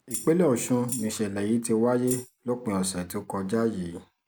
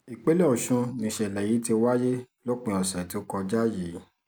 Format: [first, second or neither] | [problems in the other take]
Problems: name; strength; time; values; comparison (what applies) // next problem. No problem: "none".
second | background sound (Tambourine); 12 dB below the speech